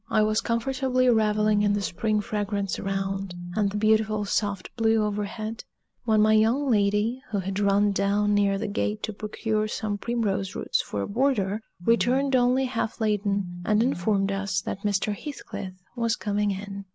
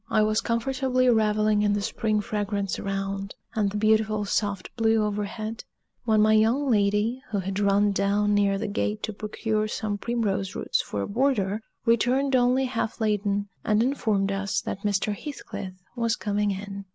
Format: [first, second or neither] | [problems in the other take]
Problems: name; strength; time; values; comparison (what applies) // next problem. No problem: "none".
second | background sound (Telephone); 13 dB below the speech